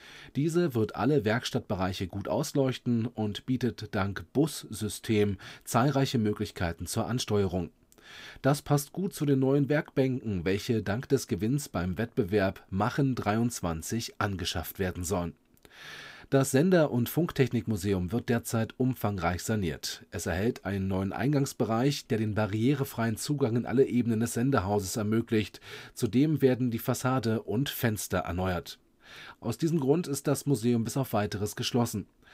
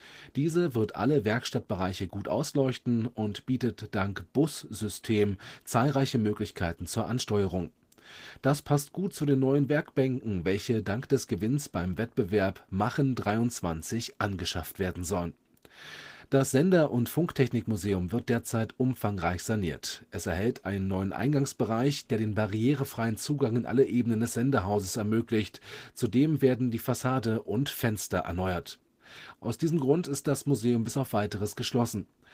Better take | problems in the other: first | garbled, watery; slightly; nothing above 15.5 kHz

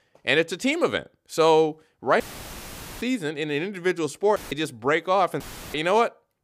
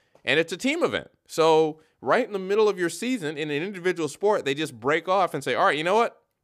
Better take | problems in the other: second | audio cutting out; filled with static; at 2 s for 1 s, at 4.5 s and at 5.5 s

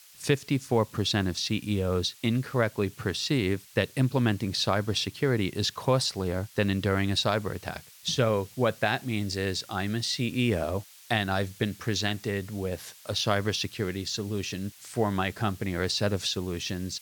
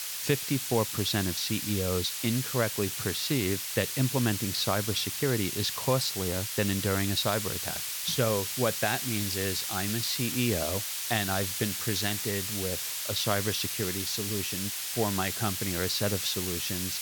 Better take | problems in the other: first | hiss; loud; throughout; 1 dB below the speech; faint in the first

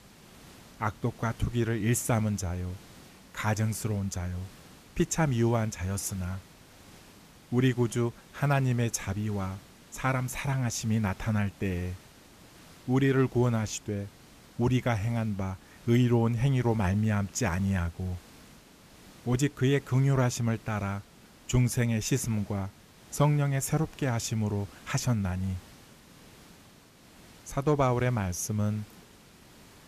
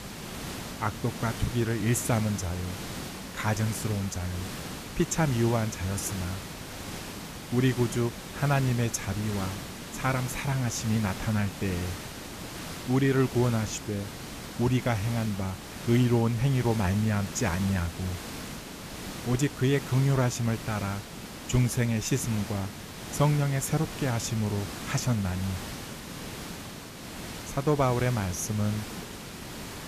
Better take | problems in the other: first | hiss; loud; throughout; 10 dB below the speech; faint in the first

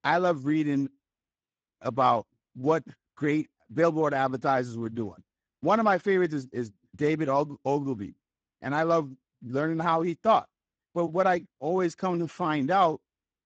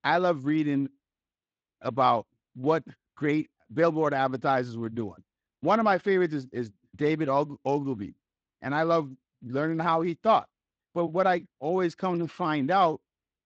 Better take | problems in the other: second | garbled, watery; badly; nothing above 7.5 kHz; slightly in the second

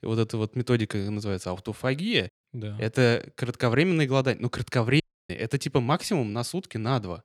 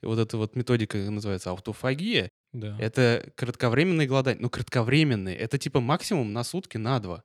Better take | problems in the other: second | audio cutting out; at 5 s

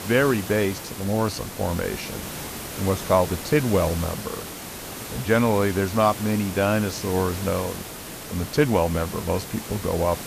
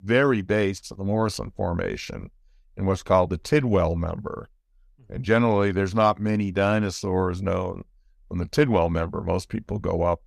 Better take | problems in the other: second | hiss; loud; throughout; 10 dB below the speech

